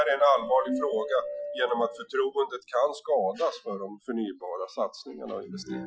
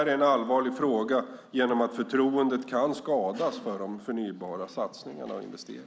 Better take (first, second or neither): second